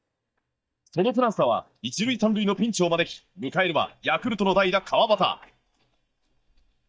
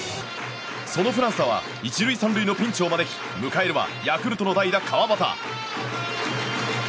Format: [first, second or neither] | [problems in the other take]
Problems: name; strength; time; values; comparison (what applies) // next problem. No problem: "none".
second | noise reduction (neural mask model DeepFilterNet 3)